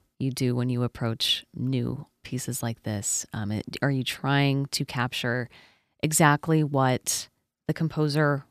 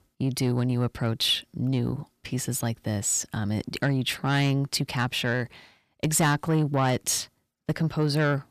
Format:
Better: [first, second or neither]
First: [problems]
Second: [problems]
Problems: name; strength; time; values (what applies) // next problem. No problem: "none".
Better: first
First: none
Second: distortion; slight; 10 dB below the speech